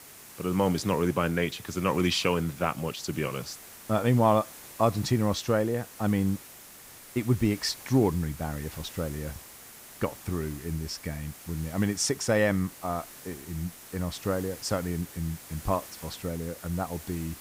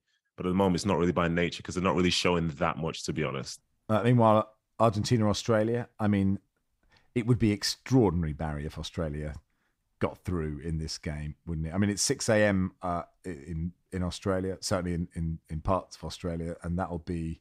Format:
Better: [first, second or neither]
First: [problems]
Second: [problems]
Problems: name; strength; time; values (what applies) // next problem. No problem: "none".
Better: second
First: hiss; noticeable; throughout; 15 dB below the speech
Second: none